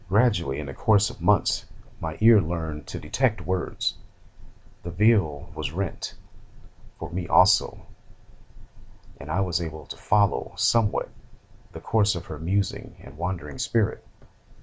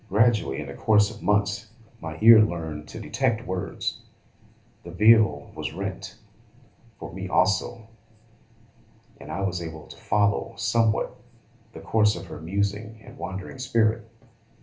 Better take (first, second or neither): first